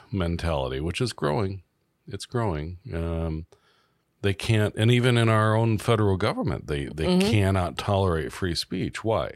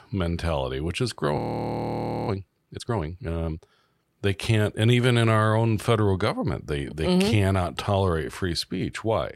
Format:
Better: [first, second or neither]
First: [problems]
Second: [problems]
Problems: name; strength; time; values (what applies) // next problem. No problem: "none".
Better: first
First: none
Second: audio freezing; at 1.5 s for 1 s